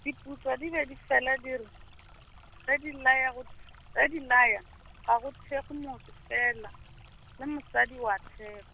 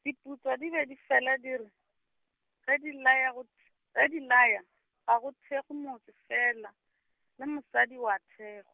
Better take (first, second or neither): second